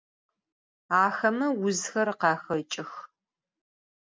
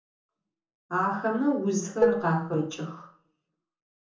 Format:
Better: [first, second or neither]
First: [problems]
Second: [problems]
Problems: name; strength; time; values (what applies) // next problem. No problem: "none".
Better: first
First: none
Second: background sound (Dishes, pots, and pans); 3 dB above the speech // room echo; dies away in 0.6 s